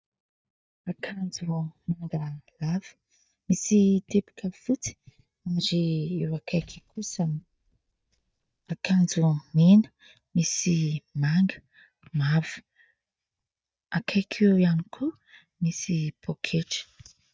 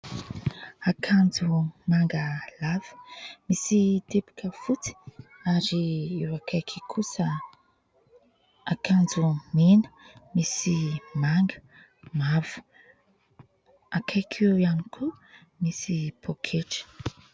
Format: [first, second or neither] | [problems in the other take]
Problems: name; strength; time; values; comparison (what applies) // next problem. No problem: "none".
second | noise reduction (neural mask model DeepFilterNet 3)